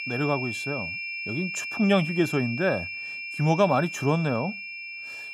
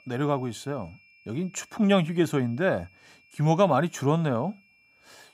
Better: second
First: high-pitched whine; loud; throughout; 2.5 kHz, 6 dB below the speech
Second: high-pitched whine; faint; throughout; 2.5 kHz, 30 dB below the speech

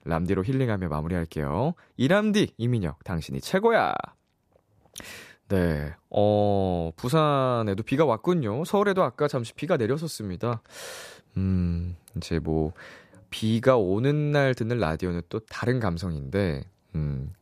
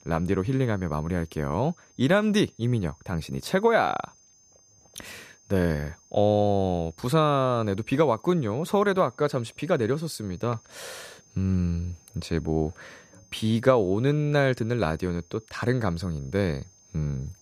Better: first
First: none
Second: high-pitched whine; faint; throughout; 6.5 kHz, 30 dB below the speech

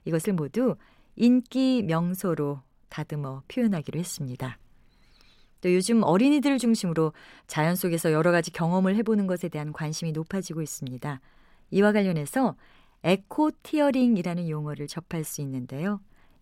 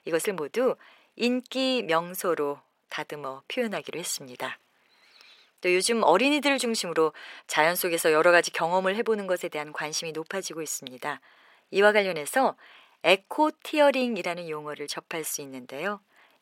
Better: first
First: none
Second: thin; somewhat; fading below 550 Hz

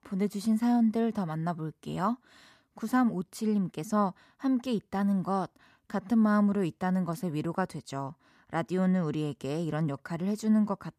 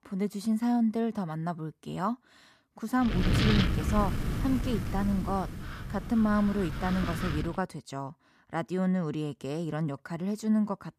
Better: first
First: none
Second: wind noise on the microphone; heavy; from 3 to 7.5 s; 2 dB below the speech

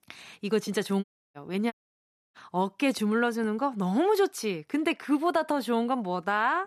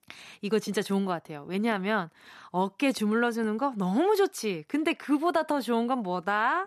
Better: second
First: audio cutting out; at 1 s and at 1.5 s for 0.5 s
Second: none

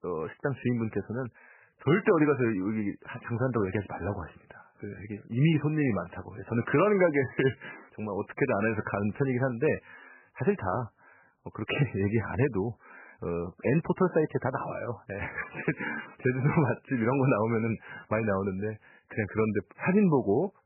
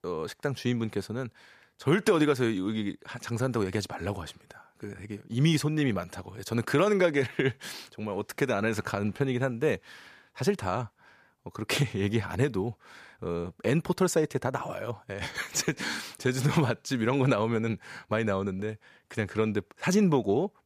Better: second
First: garbled, watery; badly; nothing above 3 kHz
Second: none

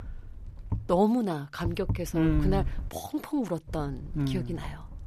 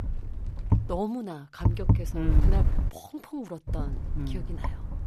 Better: first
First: wind noise on the microphone; occasional gusts; at the start, from 1.5 to 3 s and from 3.5 s on; 20 dB below the speech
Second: wind noise on the microphone; heavy; at the start, from 1.5 to 3 s and from 3.5 s on; 2 dB below the speech

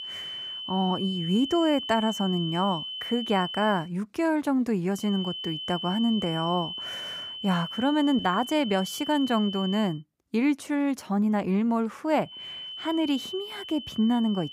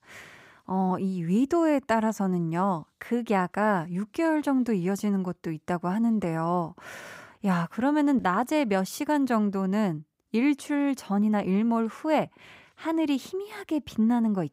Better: second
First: high-pitched whine; loud; until 4 s, from 5 to 10 s and from 12 s on; 3 kHz, 8 dB below the speech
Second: none

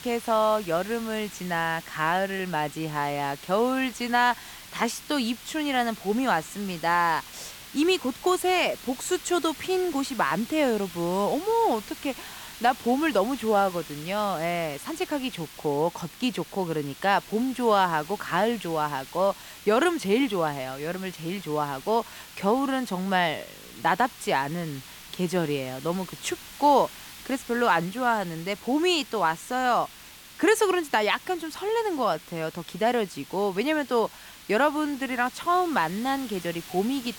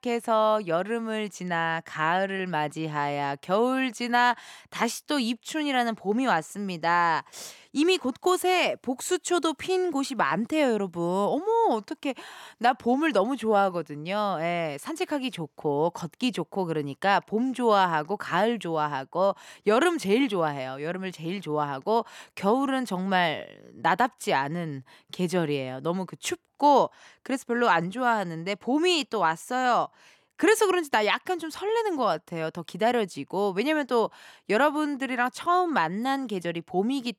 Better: second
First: hiss; noticeable; throughout; 15 dB below the speech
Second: none

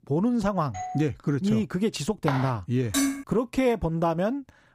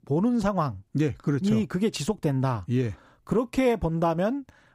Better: second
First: doorbell; noticeable; at 0.5 s; peak 10 dB below the speech // footsteps; noticeable; at 2.5 s; peak 6 dB below the speech // clattering dishes; loud; at 3 s; peak 1 dB above the speech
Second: none

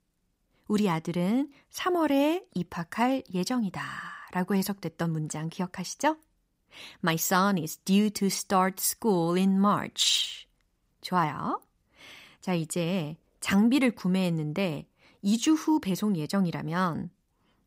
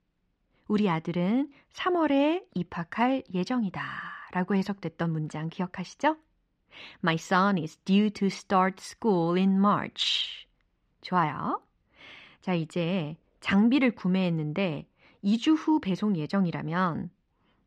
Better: first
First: none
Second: muffled; slightly; fading above 3 kHz

